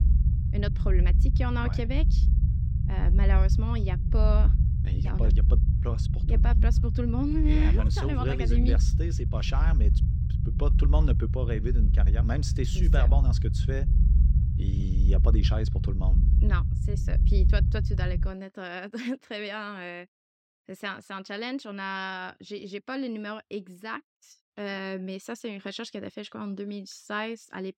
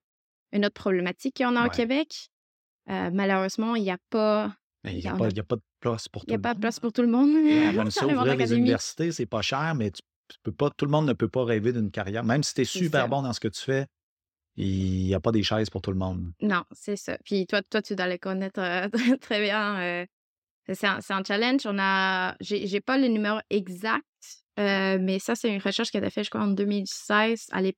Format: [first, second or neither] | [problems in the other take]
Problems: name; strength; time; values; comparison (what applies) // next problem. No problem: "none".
second | low rumble; loud; until 18 s; 7 dB below the speech